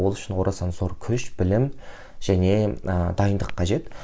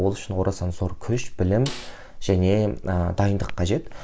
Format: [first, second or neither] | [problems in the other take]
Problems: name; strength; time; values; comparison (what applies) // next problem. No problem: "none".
first | background sound (Snare drum); 17 dB below the speech